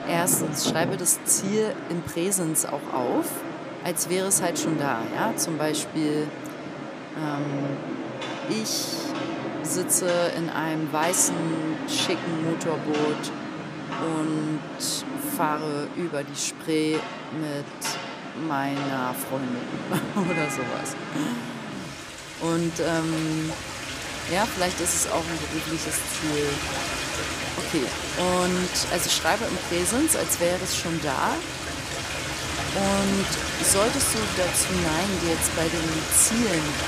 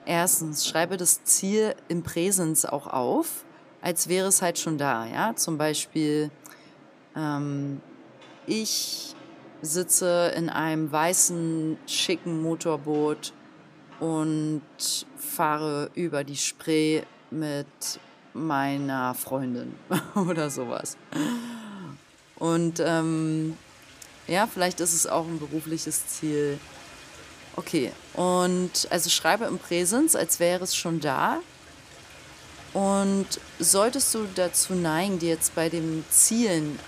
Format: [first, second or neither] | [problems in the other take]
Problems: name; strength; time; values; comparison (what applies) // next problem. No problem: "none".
second | rain or running water; loud; throughout; 5 dB below the speech; faint in the second